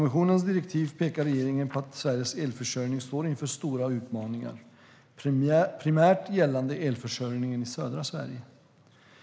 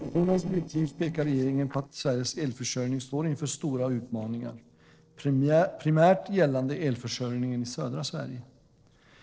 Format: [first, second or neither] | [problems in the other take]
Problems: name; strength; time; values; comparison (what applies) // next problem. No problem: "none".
first | noise reduction (neural separator model SepFormer DNS4)